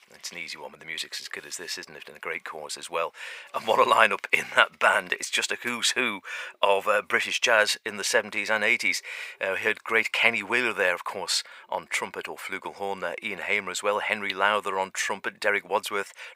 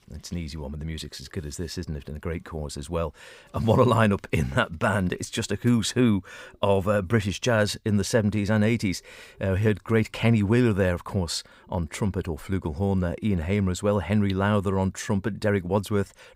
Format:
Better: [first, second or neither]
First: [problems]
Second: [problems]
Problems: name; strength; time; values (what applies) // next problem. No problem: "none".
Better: second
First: thin; very; fading below 750 Hz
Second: none